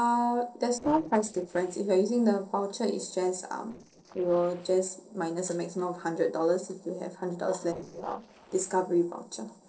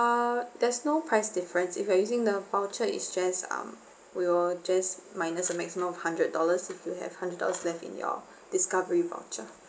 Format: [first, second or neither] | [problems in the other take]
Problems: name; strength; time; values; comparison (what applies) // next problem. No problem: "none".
second | noise reduction (neural separator model SepFormer DNS4)